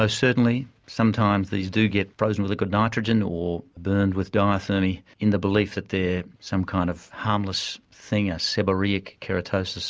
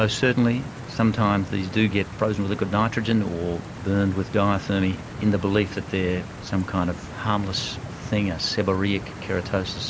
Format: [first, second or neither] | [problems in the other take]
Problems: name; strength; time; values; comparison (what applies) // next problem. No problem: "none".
first | background sound (Stream); 12 dB below the speech